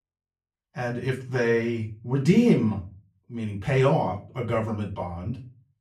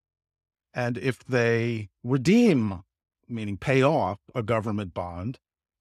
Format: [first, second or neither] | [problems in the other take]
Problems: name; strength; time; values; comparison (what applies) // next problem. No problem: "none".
second | off-mic speech; far // room echo; very slight; dies away in 0.3 s